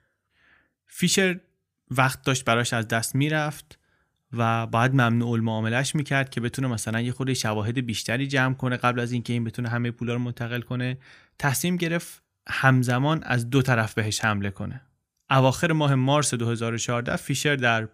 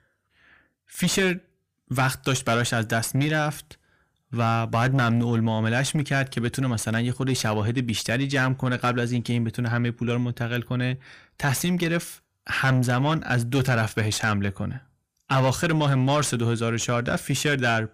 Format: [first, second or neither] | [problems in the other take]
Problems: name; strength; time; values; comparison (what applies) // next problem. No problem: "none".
first | distortion; slight; 10 dB below the speech